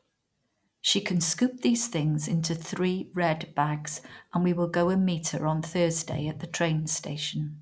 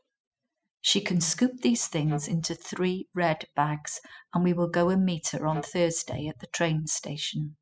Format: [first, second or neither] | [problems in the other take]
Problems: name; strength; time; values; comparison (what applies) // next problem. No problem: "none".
first | noise reduction (classical method spectral subtraction)